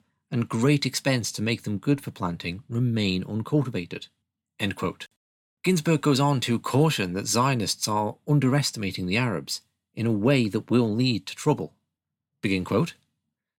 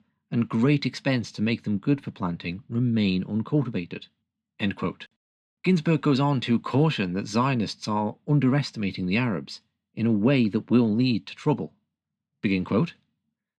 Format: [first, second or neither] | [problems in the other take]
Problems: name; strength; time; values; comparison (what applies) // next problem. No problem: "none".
first | muffled; very slightly; fading above 3.5 kHz